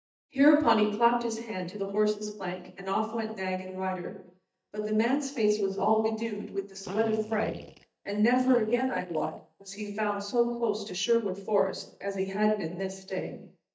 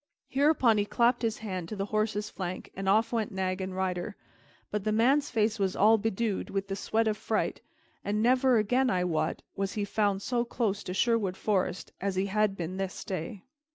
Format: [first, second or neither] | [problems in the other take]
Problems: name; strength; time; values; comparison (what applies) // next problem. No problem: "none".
second | noise reduction (neural mask model DeepFilterNet 3)